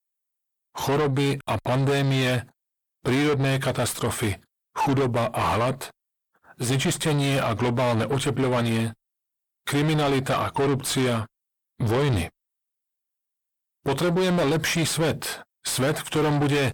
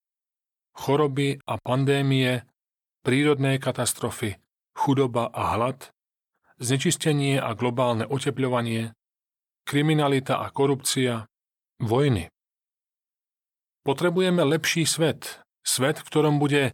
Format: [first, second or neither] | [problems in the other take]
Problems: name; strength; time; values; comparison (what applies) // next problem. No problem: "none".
second | distortion; heavy; 6 dB below the speech